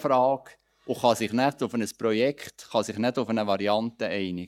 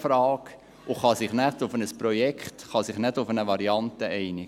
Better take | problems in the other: second | noise reduction (neural mask model DeepFilterNet 3)

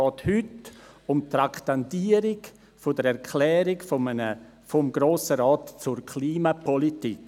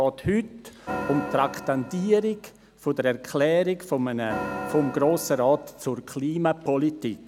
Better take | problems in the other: first | background sound (Organ); 11 dB below the speech

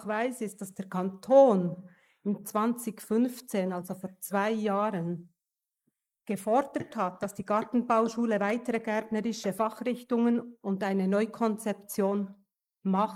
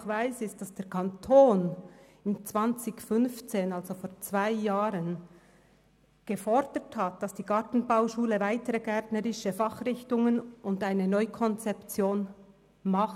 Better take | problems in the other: second | noise reduction (neural mask model Resemble Enhance denoiser)

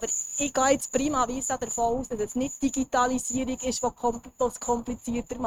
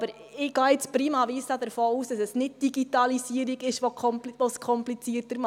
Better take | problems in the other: second | noise reduction (neural mask model RNNoise)

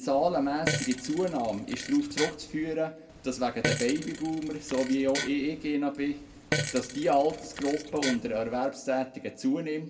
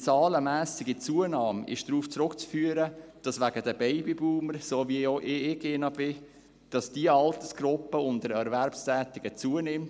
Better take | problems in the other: second | background sound (Fart); 7 dB below the speech // room echo; dies away in 0.2 s

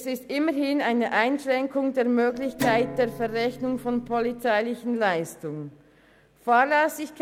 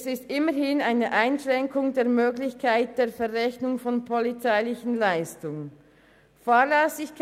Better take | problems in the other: second | background sound (Guitar); 10 dB below the speech

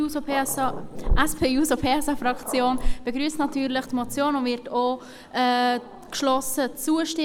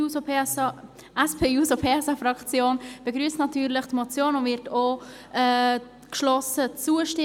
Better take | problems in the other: second | background sound (Growling); 5 dB below the speech

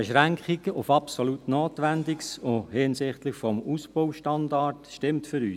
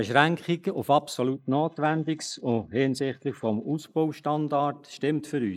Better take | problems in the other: first | noise reduction (neural mask model Resemble Enhance denoiser)

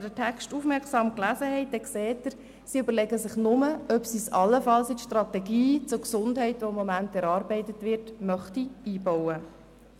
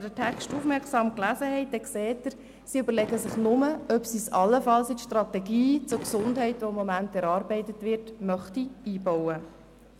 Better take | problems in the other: first | background sound (Fireworks); 14 dB below the speech

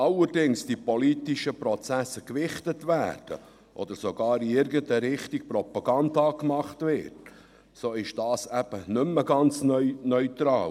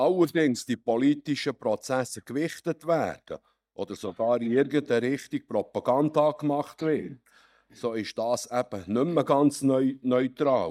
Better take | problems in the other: first | noise reduction (neural mask model DeepFilterNet 3)

